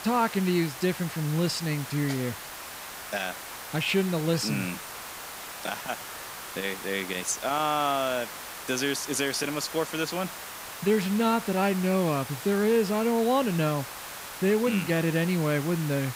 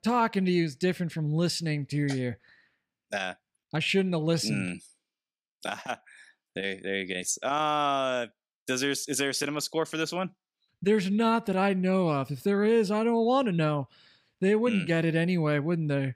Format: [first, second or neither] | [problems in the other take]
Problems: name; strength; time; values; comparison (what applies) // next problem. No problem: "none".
second | hiss; noticeable; throughout; 10 dB below the speech